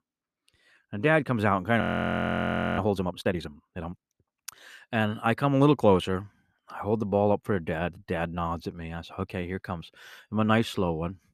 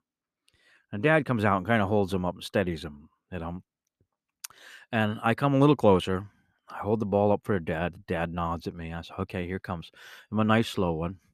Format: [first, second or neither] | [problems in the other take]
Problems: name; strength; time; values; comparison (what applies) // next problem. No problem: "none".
second | audio freezing; at 2 s for 1 s